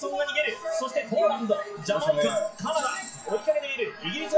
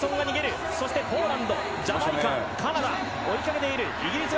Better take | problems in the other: second | noise reduction (classical method WPE with log-MMSE)

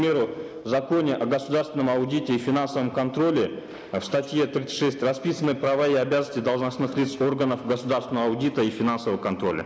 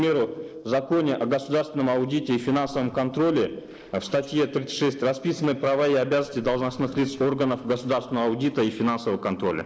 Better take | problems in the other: first | noise reduction (neural separator model SepFormer DNS4)

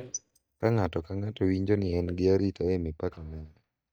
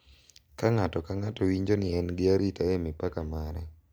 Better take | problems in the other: second | noise reduction (neural mask model DeepFilterNet 3)

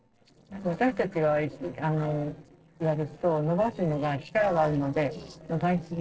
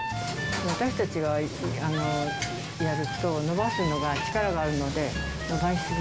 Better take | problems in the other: second | noise reduction (neural separator model SepFormer DNS4)

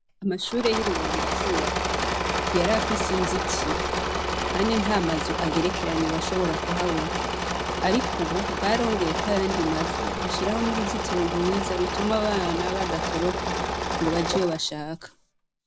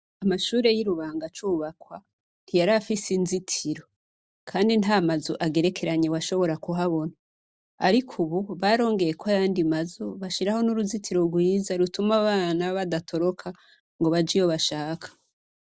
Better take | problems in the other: second | background sound (Engine / Mechanisms); as loud as the speech

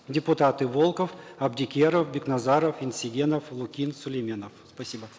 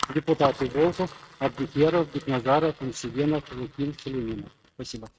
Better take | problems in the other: first | noise reduction (neural mask model RNNoise)

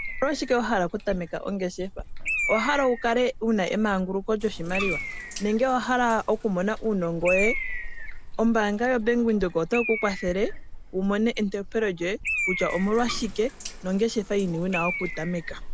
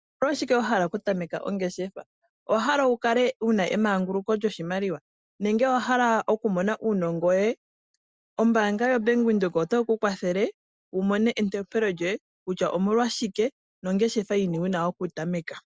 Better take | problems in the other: second | background sound (Bird + Bathtub (filling or washing)); 7 dB below the speech

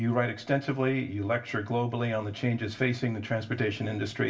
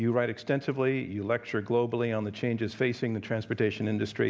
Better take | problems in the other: second | room echo; dies away in 0.2 s

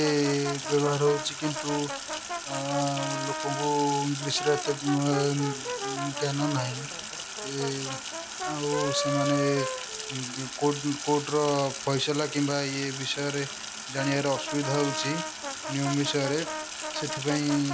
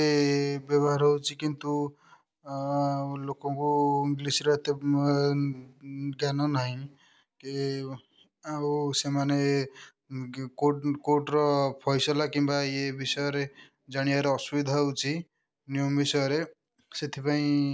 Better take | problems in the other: second | background sound (Brass instrument + Sink (filling or washing)); 5 dB below the speech

